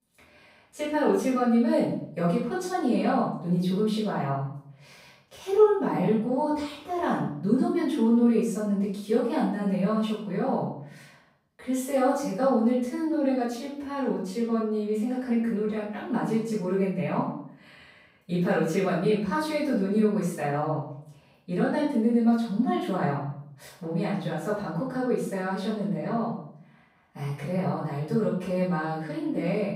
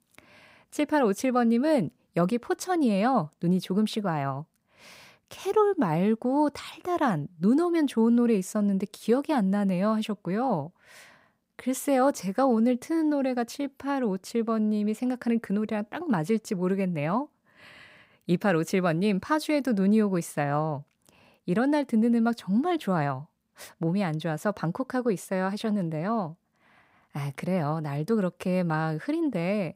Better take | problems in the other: second | off-mic speech; far // room echo; noticeable; dies away in 0.5 s

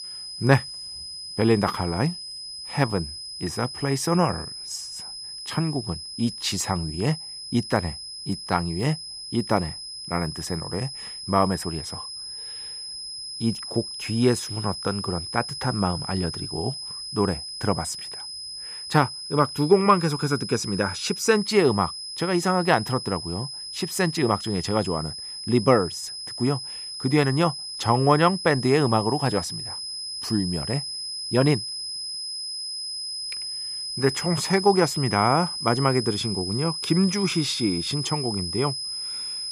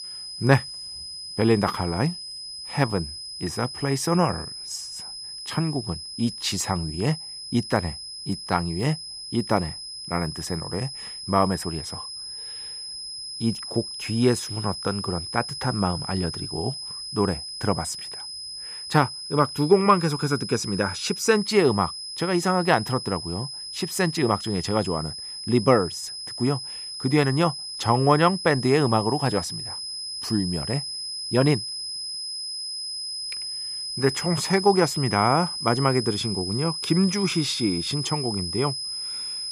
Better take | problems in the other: neither | high-pitched whine; loud; throughout; 5 kHz, 7 dB below the speech; the same in both

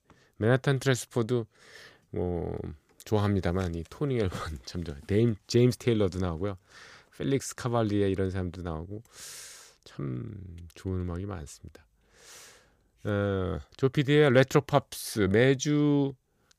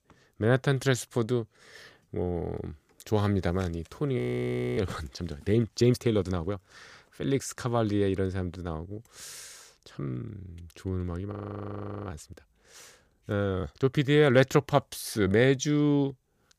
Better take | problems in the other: first | audio freezing; at 4 s for 0.5 s and at 11 s for 1 s

